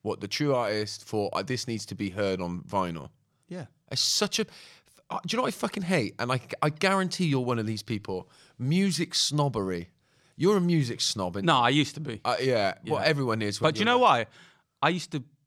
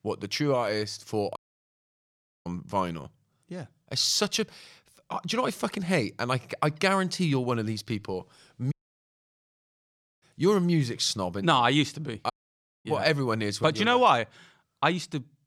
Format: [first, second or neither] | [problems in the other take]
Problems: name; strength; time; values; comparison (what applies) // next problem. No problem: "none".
first | audio cutting out; at 1.5 s for 1 s, at 8.5 s for 1.5 s and at 12 s for 0.5 s